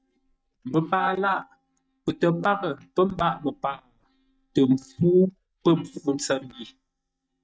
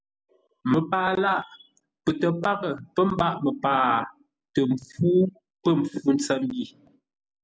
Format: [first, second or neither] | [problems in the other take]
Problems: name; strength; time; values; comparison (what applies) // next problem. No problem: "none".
second | noise reduction (neural mask model DeepFilterNet 3)